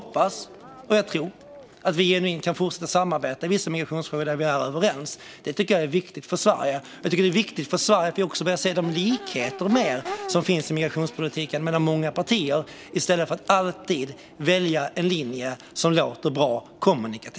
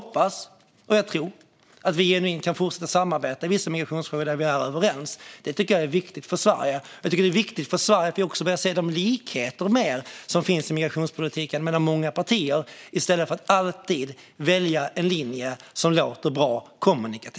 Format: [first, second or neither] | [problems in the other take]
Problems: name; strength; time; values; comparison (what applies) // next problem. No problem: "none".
second | background sound (Crowd / Race car, auto racing / Accelerating, revving, vroom); 19 dB below the speech